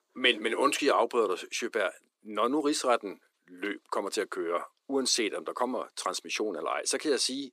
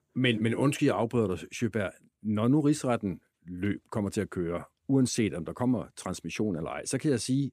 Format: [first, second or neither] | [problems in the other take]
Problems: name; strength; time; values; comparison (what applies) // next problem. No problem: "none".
second | thin; very; fading below 350 Hz